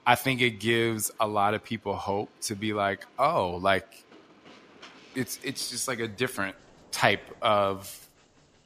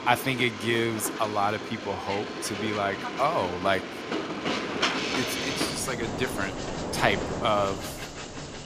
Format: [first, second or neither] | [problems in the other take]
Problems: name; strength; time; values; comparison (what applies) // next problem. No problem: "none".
first | train or aircraft noise; loud; throughout; 3 dB below the speech; faint in the first